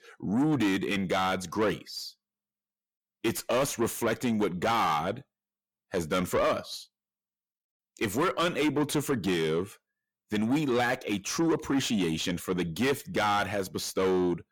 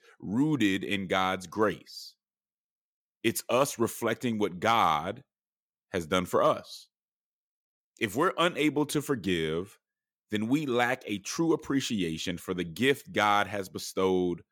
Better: second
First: distortion; heavy; 7 dB below the speech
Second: none

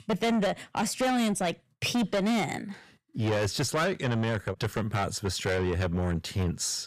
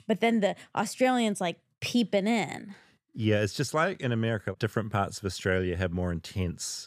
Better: second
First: distortion; heavy; 7 dB below the speech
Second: none

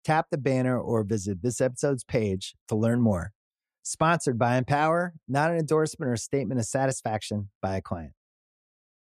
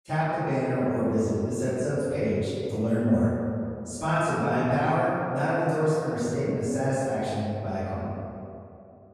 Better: first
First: none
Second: off-mic speech; far // room echo; strong; dies away in 2.5 s

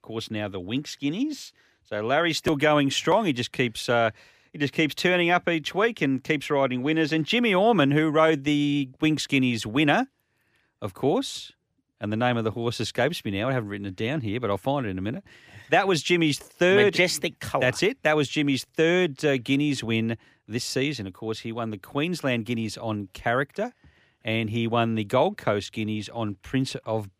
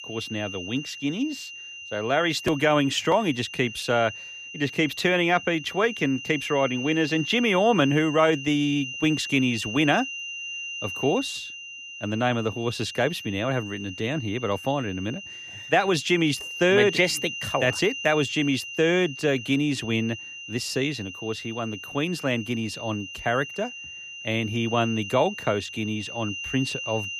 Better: first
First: none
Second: high-pitched whine; loud; throughout; 3 kHz, 9 dB below the speech

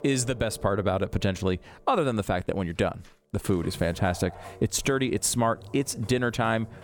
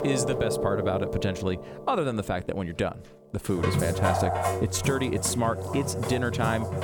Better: first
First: background music; faint; throughout; 20 dB below the speech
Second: background music; loud; throughout; 1 dB below the speech

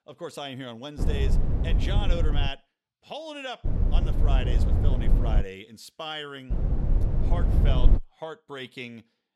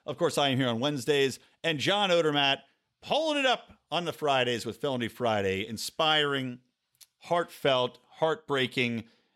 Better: second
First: low rumble; loud; from 1 to 2.5 s, from 3.5 to 5.5 s and from 6.5 to 8 s; 3 dB below the speech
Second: none

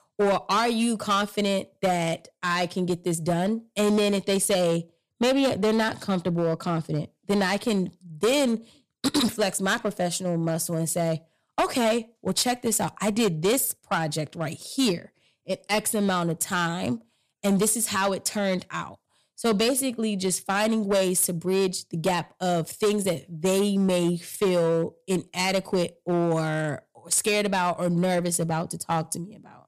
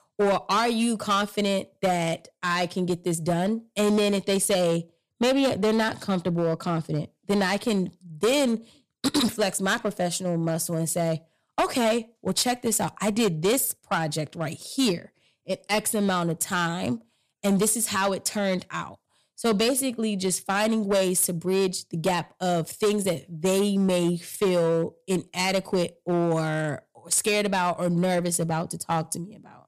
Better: neither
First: distortion; slight; 7% of the sound clipped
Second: distortion; slight; 7% of the sound clipped

